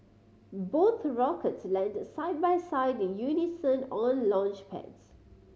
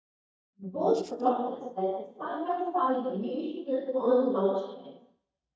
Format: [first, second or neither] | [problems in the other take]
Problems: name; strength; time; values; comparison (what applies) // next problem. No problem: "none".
first | noise reduction (neural mask model DeepFilterNet 3)